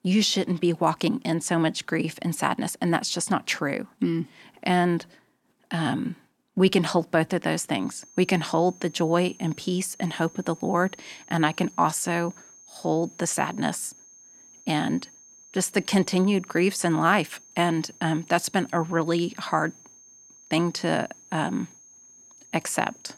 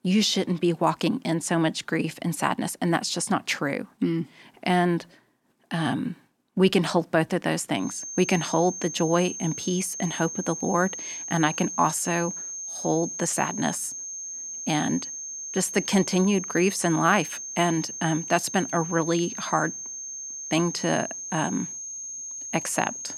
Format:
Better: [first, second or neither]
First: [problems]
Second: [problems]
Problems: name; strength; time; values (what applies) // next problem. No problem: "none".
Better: first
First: high-pitched whine; faint; from 8 s on; 6.5 kHz, 25 dB below the speech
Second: high-pitched whine; loud; from 8 s on; 6.5 kHz, 7 dB below the speech